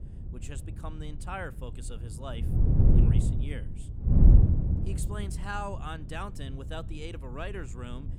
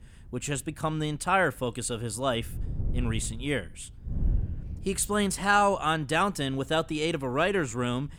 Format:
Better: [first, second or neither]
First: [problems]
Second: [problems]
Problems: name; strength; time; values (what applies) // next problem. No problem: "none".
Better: second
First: wind noise on the microphone; heavy; 2 dB above the speech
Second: wind noise on the microphone; occasional gusts; 25 dB below the speech